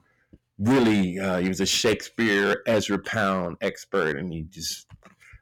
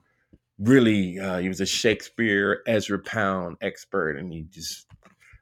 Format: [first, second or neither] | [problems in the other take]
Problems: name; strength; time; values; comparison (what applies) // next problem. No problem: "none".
second | distortion; heavy; 6% of the sound clipped